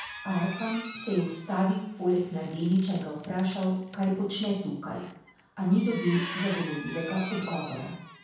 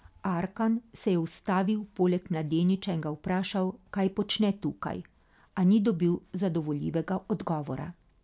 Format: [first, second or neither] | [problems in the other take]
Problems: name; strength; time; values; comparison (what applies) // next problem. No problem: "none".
second | background sound (Squeak); 14 dB below the speech // room echo; dies away in 0.7 s